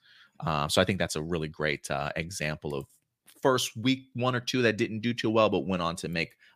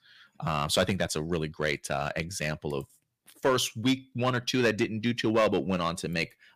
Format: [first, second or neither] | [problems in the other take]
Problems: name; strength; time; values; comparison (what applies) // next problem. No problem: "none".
first | distortion; slight; 1.9% of the sound clipped